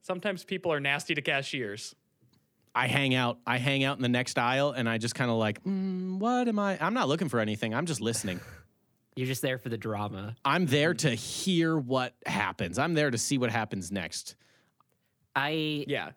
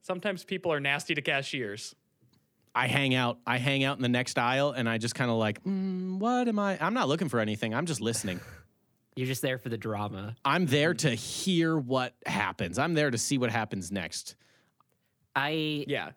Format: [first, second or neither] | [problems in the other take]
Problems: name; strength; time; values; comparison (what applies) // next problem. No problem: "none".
neither | none